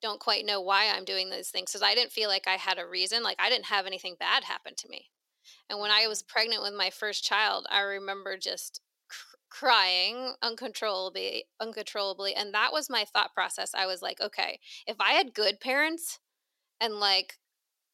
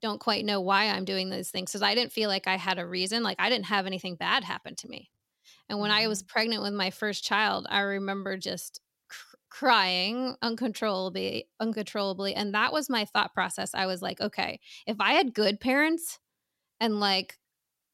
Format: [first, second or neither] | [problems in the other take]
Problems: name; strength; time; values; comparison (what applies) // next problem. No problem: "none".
second | thin; somewhat; fading below 400 Hz